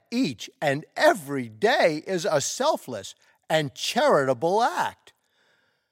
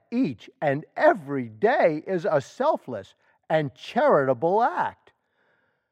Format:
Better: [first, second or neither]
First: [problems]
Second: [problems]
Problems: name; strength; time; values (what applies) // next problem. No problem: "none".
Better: first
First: none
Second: muffled; very; fading above 3.5 kHz